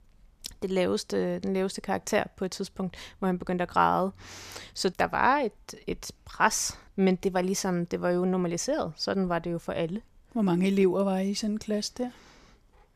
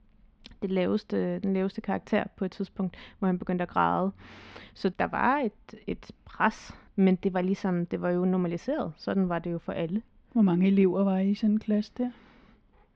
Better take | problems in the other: first | muffled; slightly; fading above 3.5 kHz

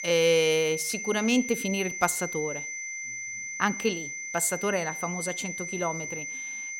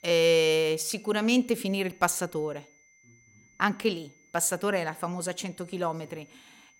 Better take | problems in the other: second | high-pitched whine; loud; throughout; 2 kHz, 6 dB below the speech; faint in the second

